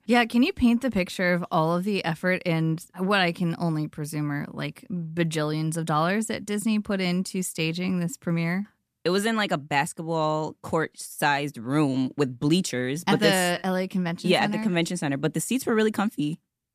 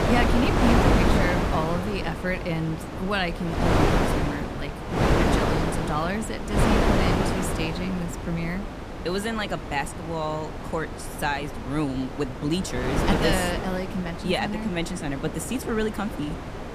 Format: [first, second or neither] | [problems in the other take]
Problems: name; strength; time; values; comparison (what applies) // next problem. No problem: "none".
first | wind noise on the microphone; heavy; 1 dB above the speech